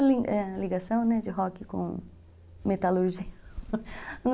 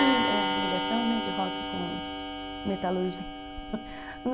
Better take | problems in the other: first | background sound (Clock); as loud as the speech

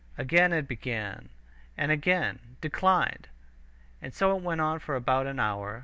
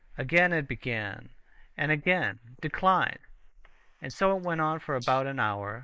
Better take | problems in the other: first | noise reduction (neural mask model Resemble Enhance denoiser)

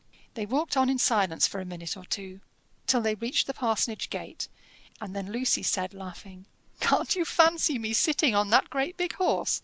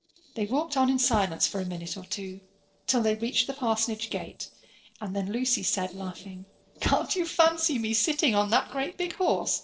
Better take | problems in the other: first | noise reduction (neural separator model SepFormer DNS4)

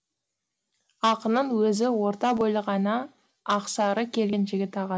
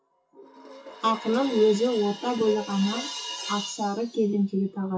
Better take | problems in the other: first | noise reduction (classical method WPE with log-MMSE)

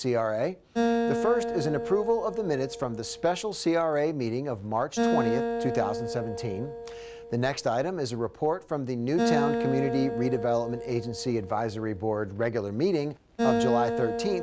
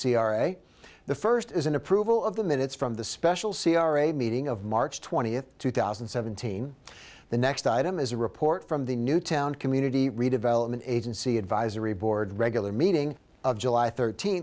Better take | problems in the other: second | background sound (Acoustic guitar); 3 dB below the speech

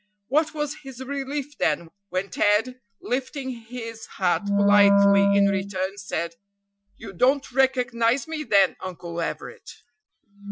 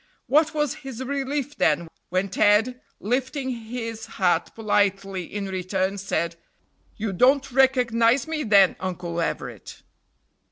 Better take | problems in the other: second | noise reduction (classical method Wiener filter)

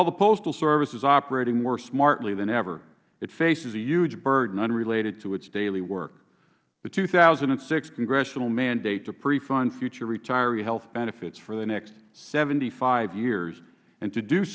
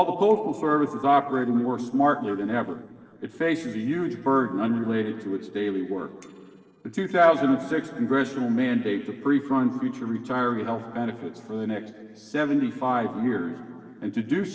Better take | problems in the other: first | noise reduction (neural separator model SepFormer DNS4)

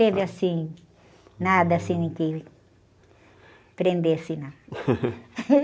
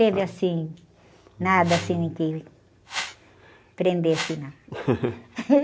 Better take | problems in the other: first | background sound (Whoosh, swoosh, swish); 10 dB below the speech

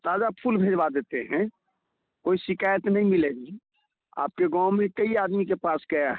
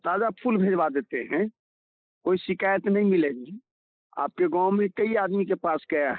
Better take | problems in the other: first | noise reduction (neural mask model Resemble Enhance denoiser)

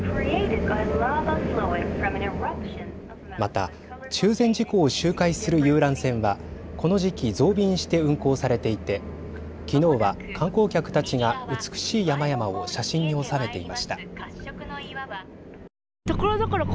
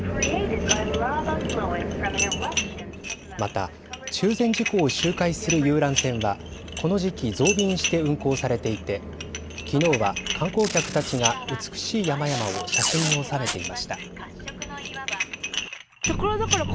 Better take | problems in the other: first | background sound (Packing tape, duct tape + Dishes, pots, and pans); 6 dB below the speech

